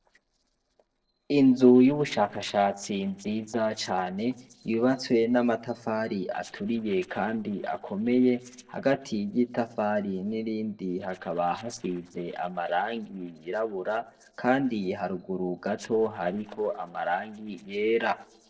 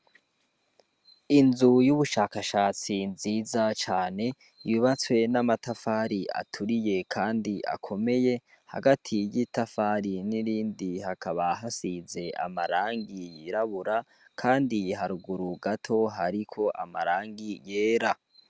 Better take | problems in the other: second | noise reduction (neural separator model SepFormer DNS4)

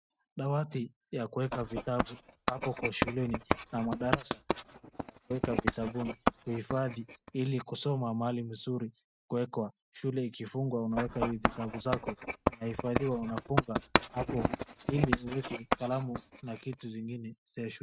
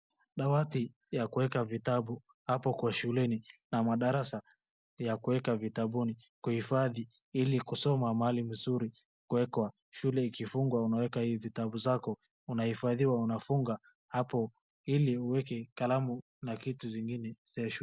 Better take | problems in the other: second | noise reduction (neural mask model RNNoise)

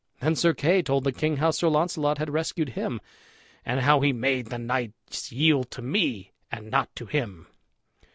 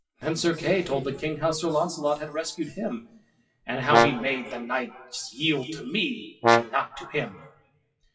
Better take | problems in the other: first | noise reduction (classical method WPE with log-MMSE)

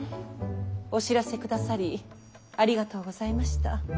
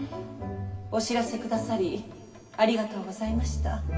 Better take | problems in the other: first | room echo; dies away in 2 s

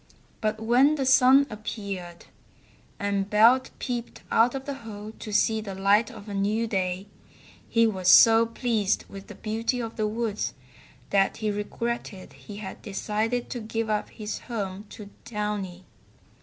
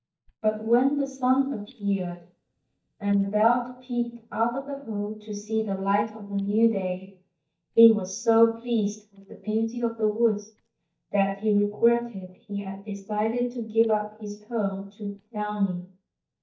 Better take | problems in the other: first | noise reduction (neural mask model DeepFilterNet 3)

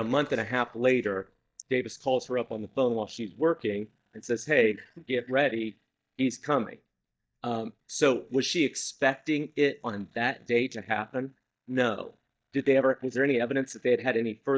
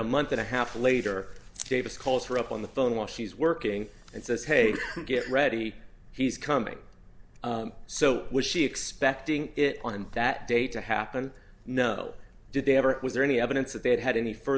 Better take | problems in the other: second | noise reduction (neural mask model DeepFilterNet 3)

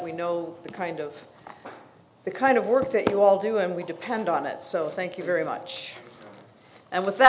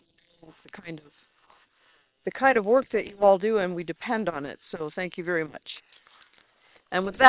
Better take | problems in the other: first | noise reduction (neural separator model SepFormer WHAM!)

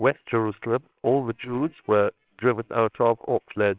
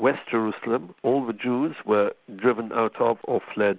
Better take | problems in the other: second | noise reduction (neural separator model SepFormer WHAMR!)

